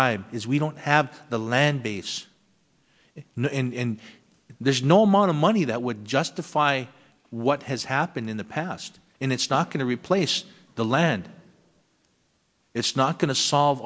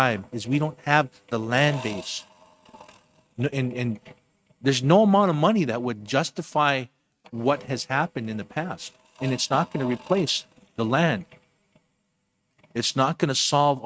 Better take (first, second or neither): first